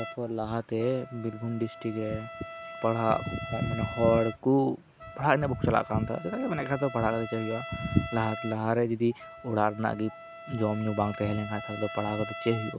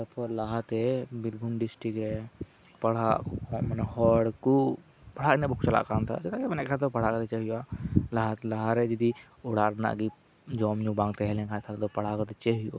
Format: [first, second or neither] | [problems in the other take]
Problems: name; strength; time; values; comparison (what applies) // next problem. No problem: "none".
second | background sound (Trumpet); 13 dB below the speech